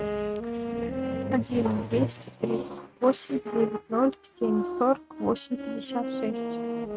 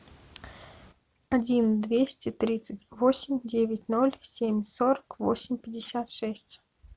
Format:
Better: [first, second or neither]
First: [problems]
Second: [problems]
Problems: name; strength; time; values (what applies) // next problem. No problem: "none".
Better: second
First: noise reduction (neural mask model RNNoise)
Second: none